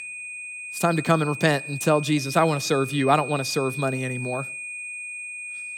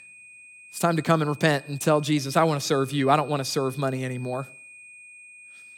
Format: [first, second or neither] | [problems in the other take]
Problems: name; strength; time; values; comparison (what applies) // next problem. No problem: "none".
second | high-pitched whine; loud; throughout; 2.5 kHz, 9 dB below the speech; faint in the second